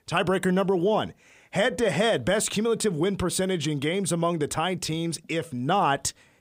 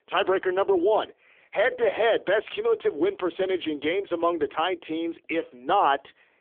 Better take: first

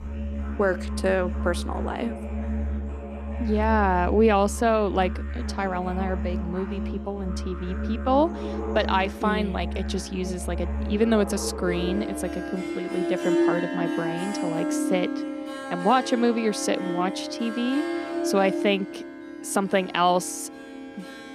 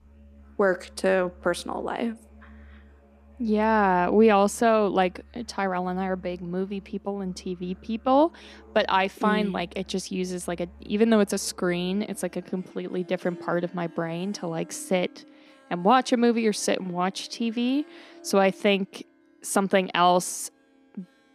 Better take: second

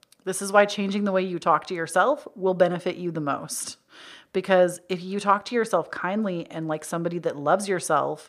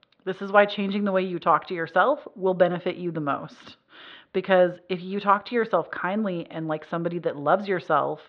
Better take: first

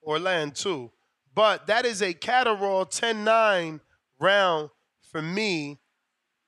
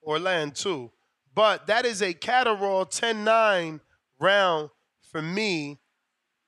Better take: neither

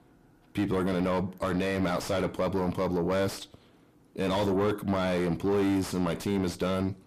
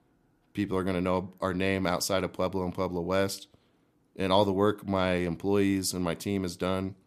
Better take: second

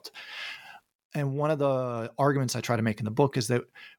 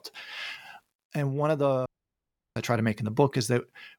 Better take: first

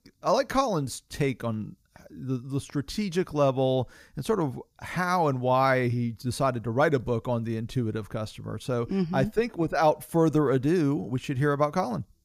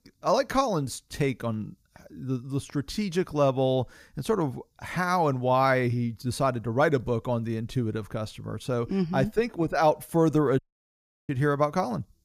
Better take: first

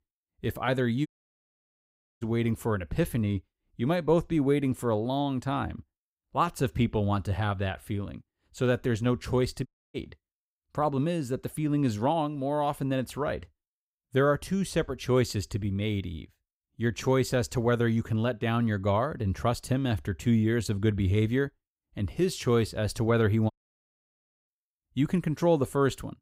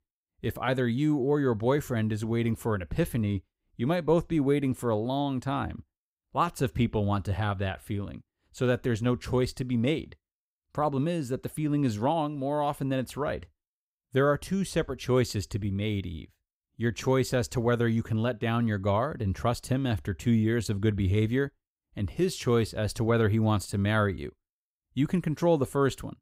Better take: second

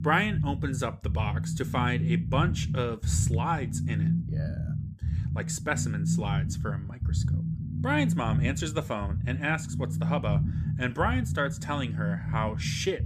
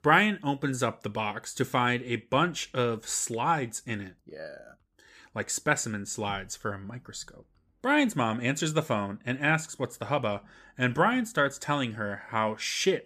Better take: second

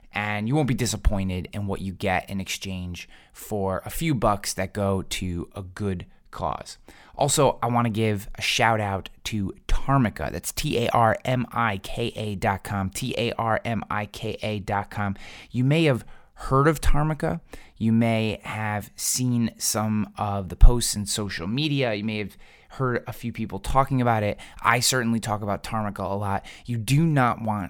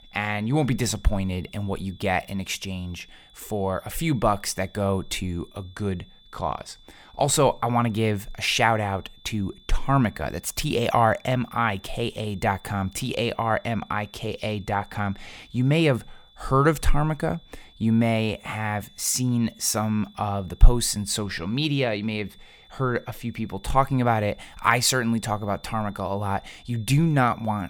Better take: first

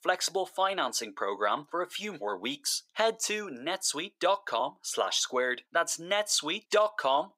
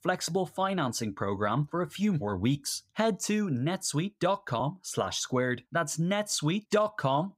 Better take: second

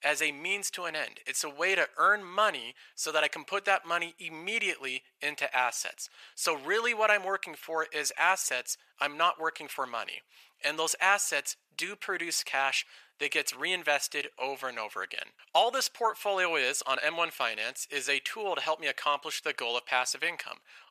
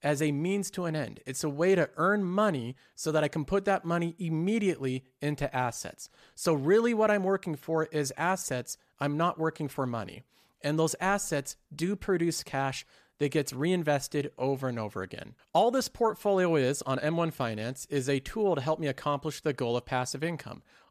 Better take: second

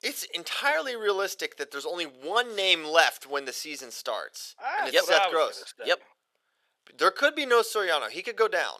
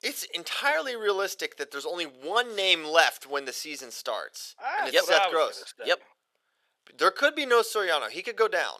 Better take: neither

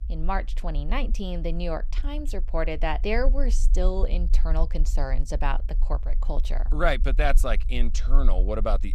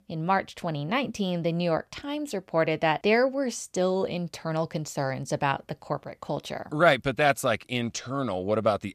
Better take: second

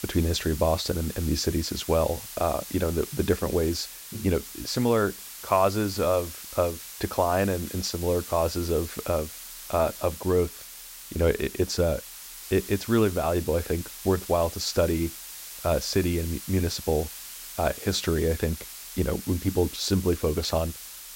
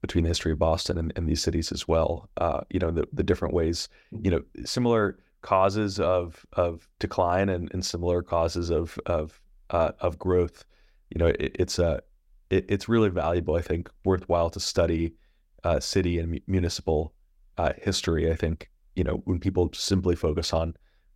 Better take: second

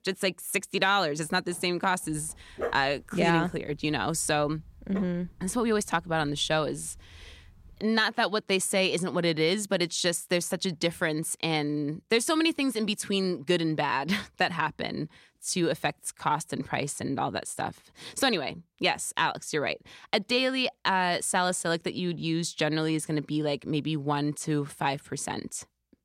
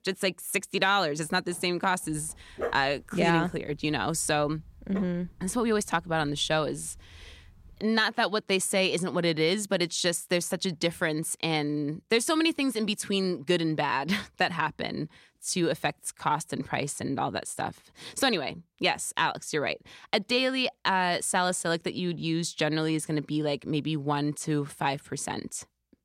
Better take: neither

